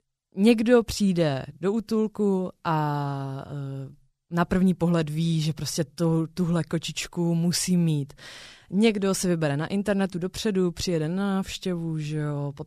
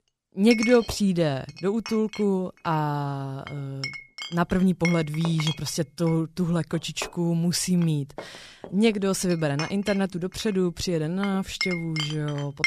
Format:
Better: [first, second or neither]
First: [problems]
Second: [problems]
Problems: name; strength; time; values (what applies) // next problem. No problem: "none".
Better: first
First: none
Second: household noises; loud; throughout; 10 dB below the speech